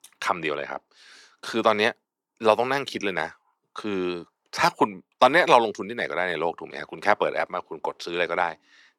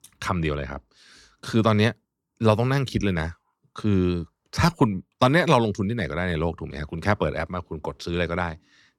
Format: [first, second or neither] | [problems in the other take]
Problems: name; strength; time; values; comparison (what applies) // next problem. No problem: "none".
second | thin; very; fading below 400 Hz